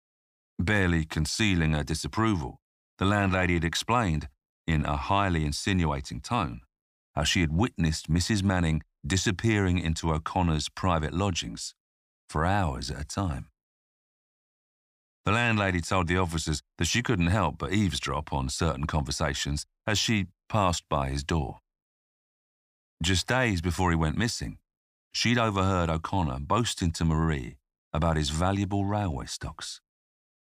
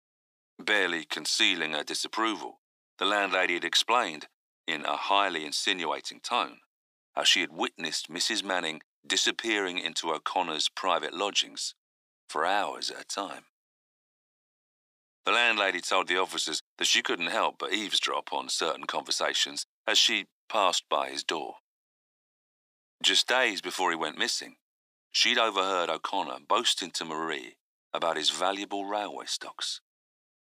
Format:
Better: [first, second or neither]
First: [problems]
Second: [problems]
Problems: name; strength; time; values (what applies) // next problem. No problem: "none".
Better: first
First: none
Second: thin; very; fading below 350 Hz